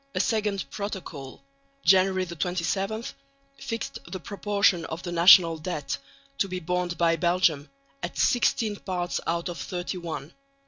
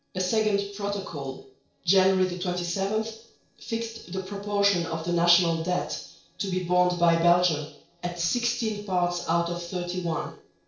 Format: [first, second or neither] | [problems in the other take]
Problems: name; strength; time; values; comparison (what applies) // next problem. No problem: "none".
first | noise reduction (neural separator model SepFormer DNS4)